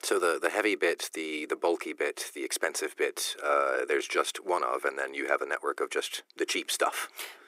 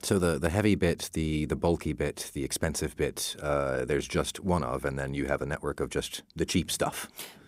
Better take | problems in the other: second | thin; very; fading below 350 Hz

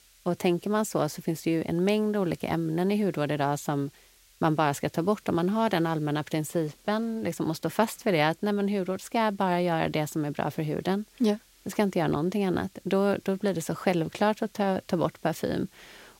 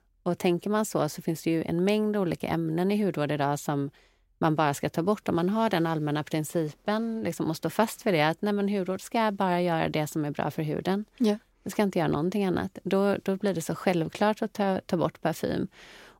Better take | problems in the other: second | hiss; faint; throughout; 30 dB below the speech

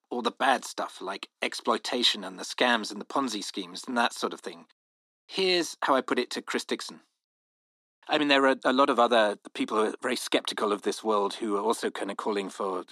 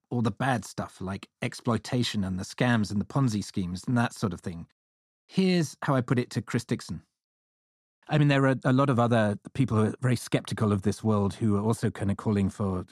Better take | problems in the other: second | thin; somewhat; fading below 300 Hz

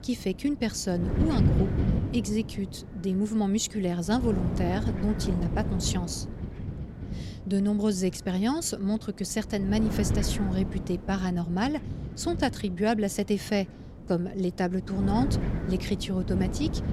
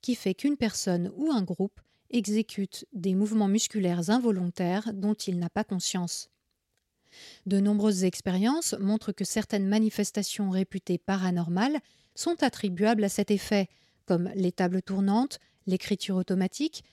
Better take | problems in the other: second | wind noise on the microphone; heavy; 8 dB below the speech

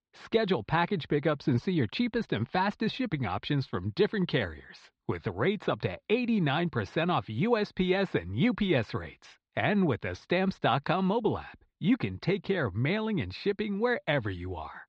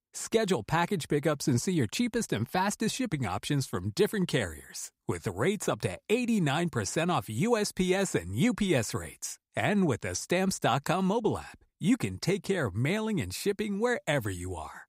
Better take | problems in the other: second | muffled; slightly; fading above 4 kHz

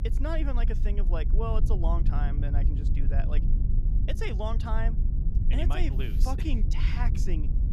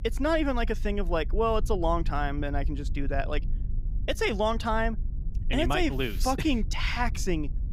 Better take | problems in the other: second | low rumble; loud; throughout; 8 dB below the speech; faint in the second

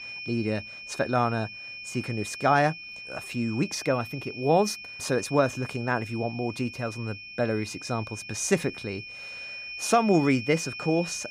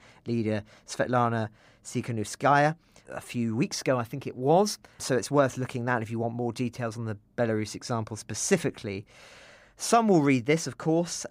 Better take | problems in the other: second | high-pitched whine; noticeable; throughout; 2.5 kHz, 10 dB below the speech

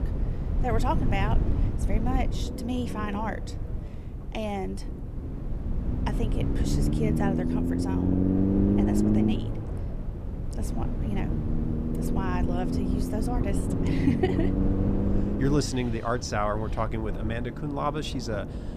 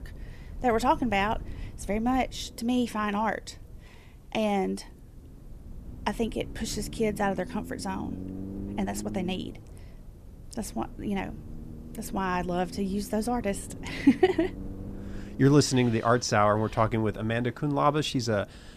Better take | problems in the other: second | low rumble; loud; throughout; 2 dB below the speech; faint in the second

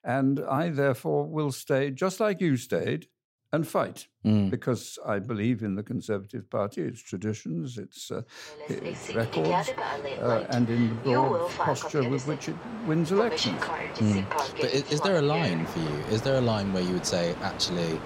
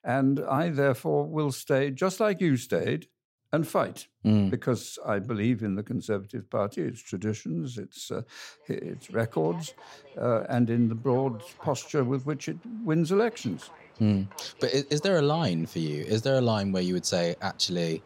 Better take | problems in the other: second | train or aircraft noise; loud; from 9 s on; 4 dB below the speech; faint in the second

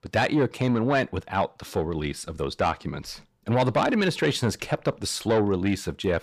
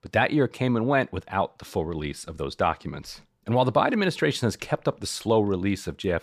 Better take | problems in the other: second | distortion; slight; 10 dB below the speech

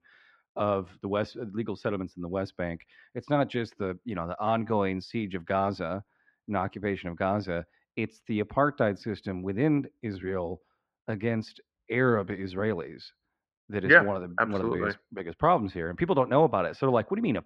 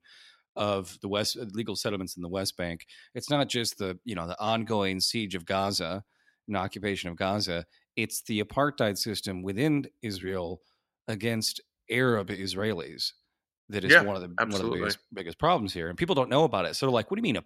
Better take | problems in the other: second | muffled; very; fading above 1.5 kHz

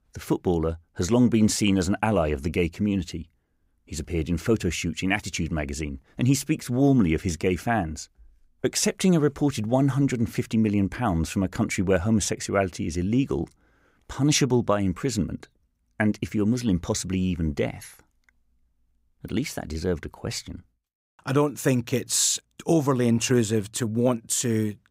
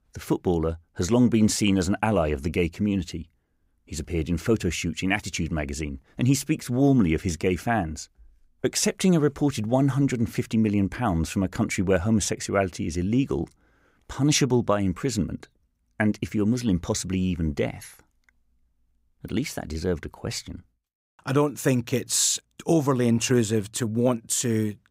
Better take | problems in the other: neither | none

